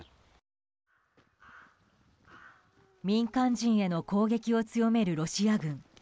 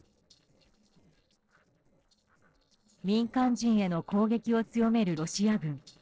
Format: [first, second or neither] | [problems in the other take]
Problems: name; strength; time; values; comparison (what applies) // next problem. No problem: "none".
first | noise reduction (neural separator model SepFormer DNS4)